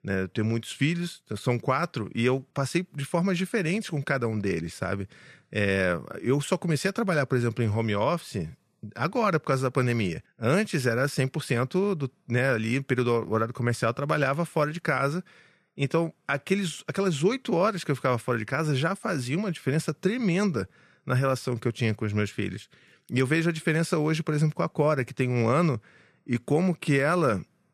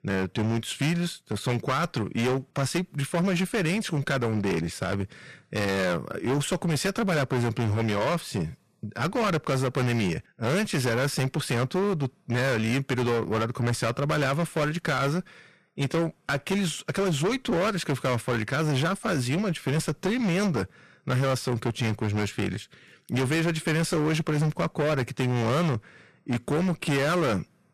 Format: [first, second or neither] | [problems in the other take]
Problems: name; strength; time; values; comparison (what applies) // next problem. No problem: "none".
first | distortion; heavy; 25% of the sound clipped